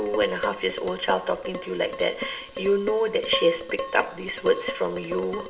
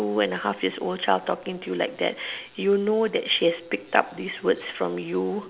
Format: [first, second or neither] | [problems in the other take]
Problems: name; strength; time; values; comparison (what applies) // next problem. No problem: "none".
second | background sound (Dishes, pots, and pans); 9 dB below the speech // room echo; dies away in 1.4 s